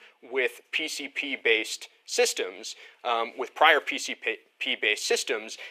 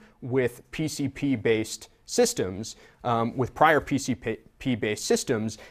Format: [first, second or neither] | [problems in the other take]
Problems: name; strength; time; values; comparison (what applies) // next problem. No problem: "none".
second | thin; very; fading below 400 Hz